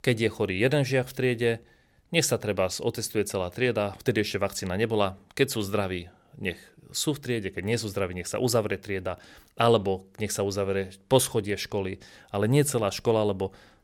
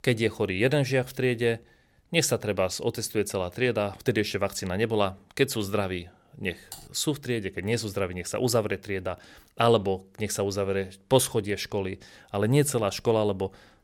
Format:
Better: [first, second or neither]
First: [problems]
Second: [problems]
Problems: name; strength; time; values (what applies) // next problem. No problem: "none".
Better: first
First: none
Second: keyboard typing; faint; at 6.5 s; peak 15 dB below the speech